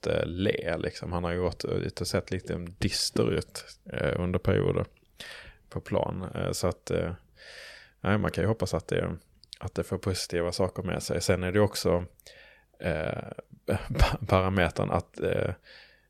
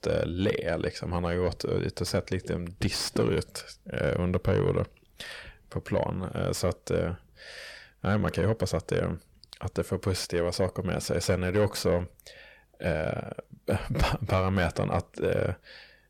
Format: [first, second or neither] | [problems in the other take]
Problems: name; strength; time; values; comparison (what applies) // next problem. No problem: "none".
first | distortion; slight; 10 dB below the speech